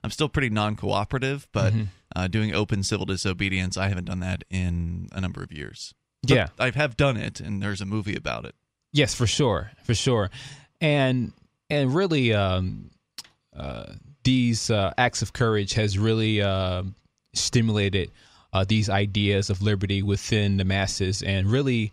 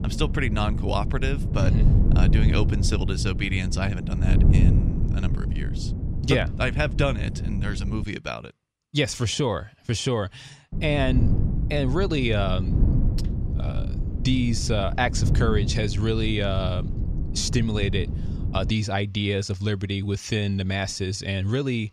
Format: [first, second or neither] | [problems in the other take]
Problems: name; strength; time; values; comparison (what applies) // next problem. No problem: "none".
first | wind noise on the microphone; heavy; until 8 s and from 11 to 19 s; 10 dB below the speech